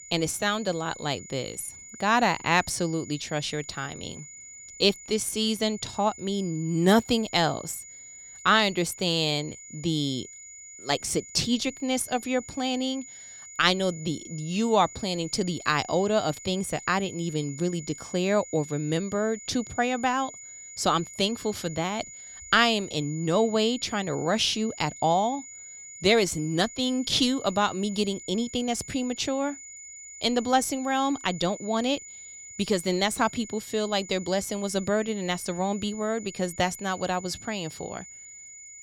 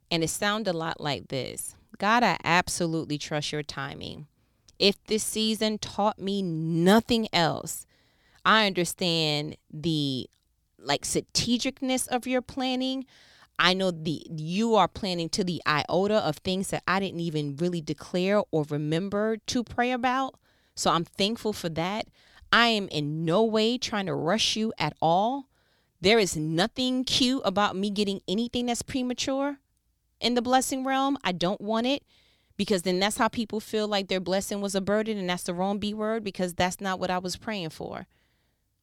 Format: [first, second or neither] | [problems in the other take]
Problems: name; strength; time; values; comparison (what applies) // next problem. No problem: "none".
second | high-pitched whine; noticeable; throughout; 7 kHz, 15 dB below the speech